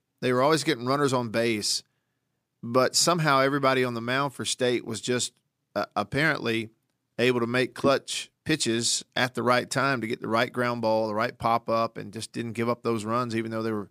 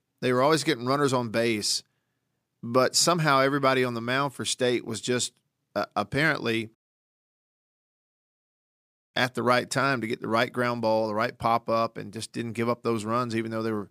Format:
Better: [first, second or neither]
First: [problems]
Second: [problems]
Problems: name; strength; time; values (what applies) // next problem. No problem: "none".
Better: first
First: none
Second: audio cutting out; at 7 s for 2.5 s